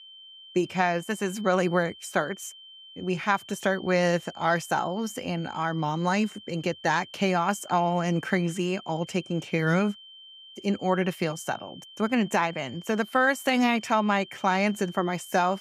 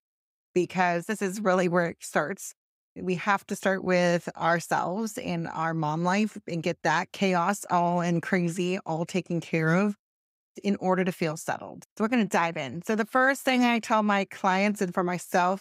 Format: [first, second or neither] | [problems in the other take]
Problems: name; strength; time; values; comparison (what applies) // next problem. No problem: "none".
second | high-pitched whine; noticeable; throughout; 3 kHz, 20 dB below the speech